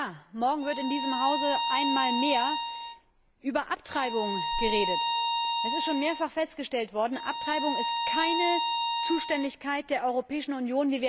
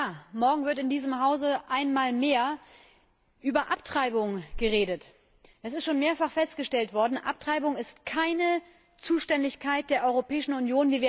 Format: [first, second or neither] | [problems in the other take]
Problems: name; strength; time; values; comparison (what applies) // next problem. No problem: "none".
second | background sound (Bowed string instrument); 1 dB below the speech